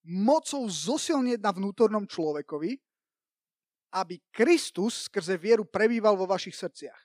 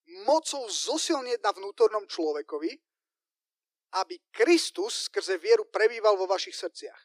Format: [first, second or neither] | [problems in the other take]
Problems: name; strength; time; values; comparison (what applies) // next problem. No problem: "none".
first | thin; very; fading below 300 Hz